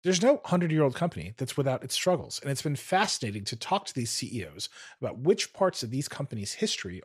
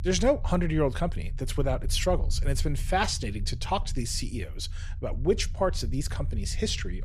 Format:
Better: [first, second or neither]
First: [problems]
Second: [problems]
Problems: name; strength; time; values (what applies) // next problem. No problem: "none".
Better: first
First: none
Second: low rumble; faint; throughout; 20 dB below the speech